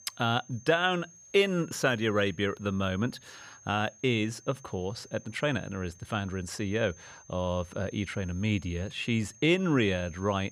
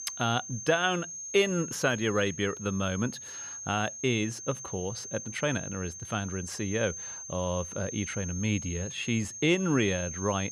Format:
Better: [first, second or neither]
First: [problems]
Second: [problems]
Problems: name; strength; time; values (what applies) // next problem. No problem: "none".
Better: first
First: high-pitched whine; faint; throughout; 6.5 kHz, 25 dB below the speech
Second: high-pitched whine; loud; throughout; 6.5 kHz, 8 dB below the speech